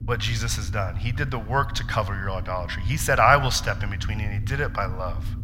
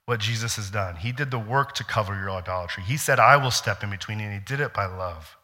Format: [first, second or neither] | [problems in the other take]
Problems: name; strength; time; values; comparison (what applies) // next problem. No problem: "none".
second | low rumble; faint; throughout; 25 dB below the speech